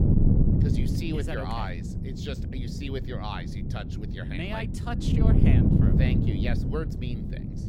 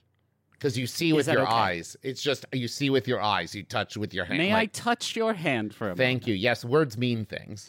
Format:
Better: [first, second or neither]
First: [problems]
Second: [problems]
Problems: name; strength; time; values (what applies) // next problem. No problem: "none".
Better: second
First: wind noise on the microphone; heavy; 1 dB above the speech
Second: none